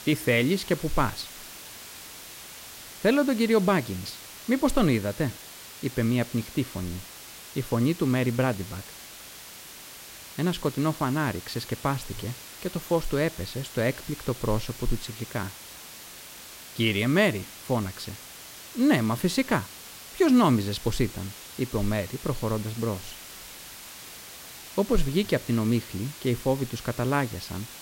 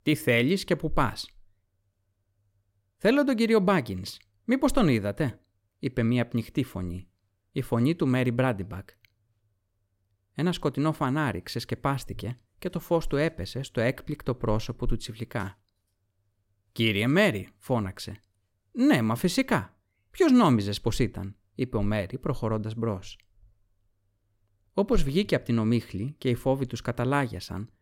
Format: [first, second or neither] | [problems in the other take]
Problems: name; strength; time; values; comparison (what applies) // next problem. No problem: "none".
second | hiss; noticeable; throughout; 15 dB below the speech